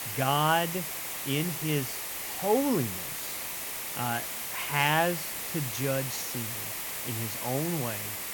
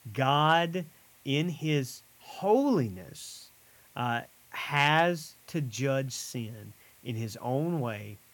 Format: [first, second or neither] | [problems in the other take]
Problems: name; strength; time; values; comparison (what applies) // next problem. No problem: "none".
second | hiss; loud; throughout; 3 dB below the speech; faint in the second